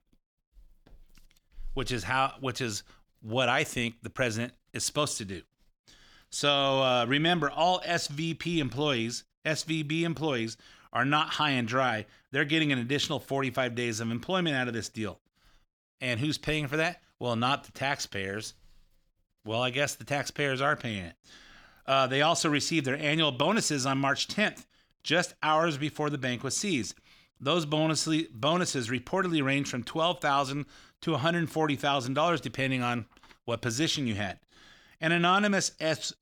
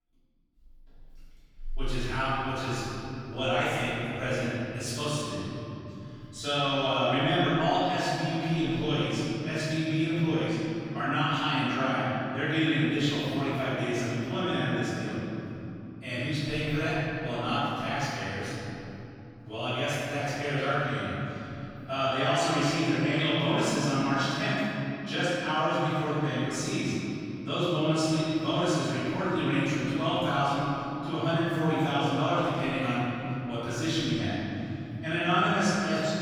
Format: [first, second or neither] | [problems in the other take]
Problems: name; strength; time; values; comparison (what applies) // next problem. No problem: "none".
first | off-mic speech; far // room echo; strong; dies away in 3 s